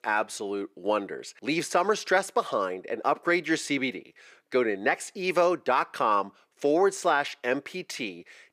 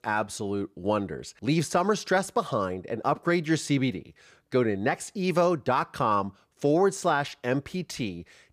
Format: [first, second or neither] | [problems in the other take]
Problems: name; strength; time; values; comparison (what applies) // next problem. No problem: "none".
second | thin; somewhat; fading below 350 Hz